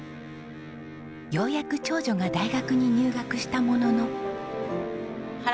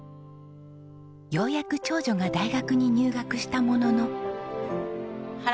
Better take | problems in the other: second | background sound (Electric guitar); 14 dB below the speech

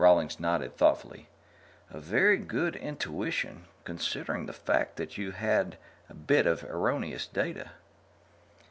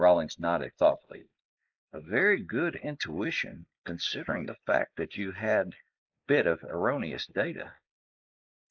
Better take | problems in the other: first | noise reduction (neural mask model Resemble Enhance denoiser)

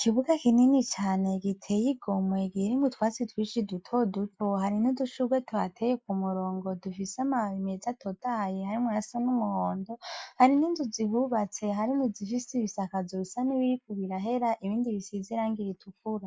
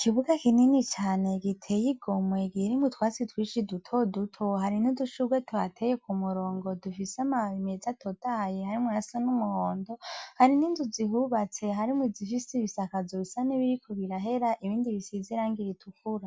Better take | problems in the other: second | noise reduction (neural mask model Resemble Enhance denoiser)

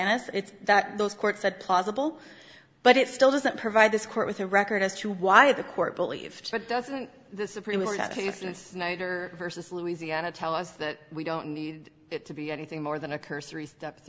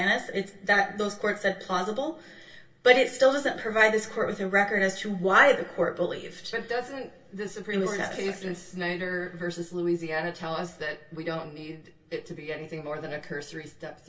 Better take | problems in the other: first | room echo; dies away in 0.2 s

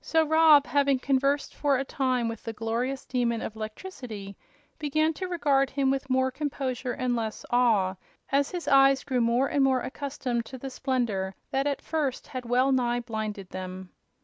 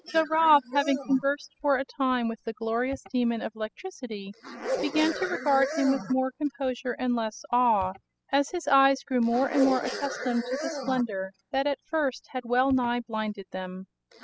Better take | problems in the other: first | noise reduction (classical method spectral subtraction)

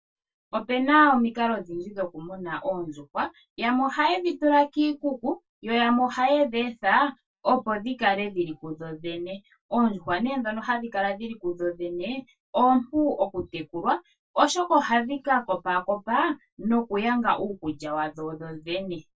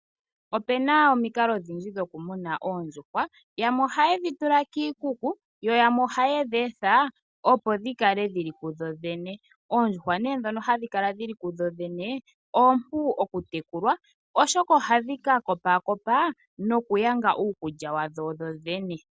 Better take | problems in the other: second | room echo; dies away in 0.1 s

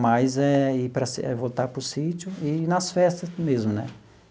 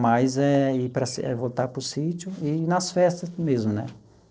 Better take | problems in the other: first | noise reduction (neural separator model SepFormer DNS4)

